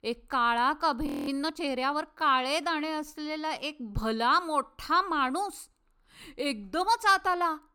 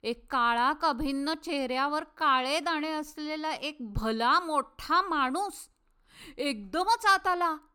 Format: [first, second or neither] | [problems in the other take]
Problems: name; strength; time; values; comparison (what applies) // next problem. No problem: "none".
second | audio freezing; at 1 s